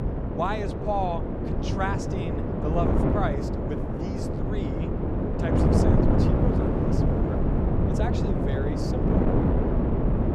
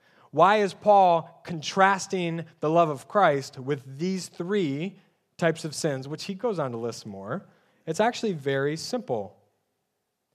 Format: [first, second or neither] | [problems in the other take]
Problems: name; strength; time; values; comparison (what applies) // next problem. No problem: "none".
second | wind noise on the microphone; heavy; 2 dB above the speech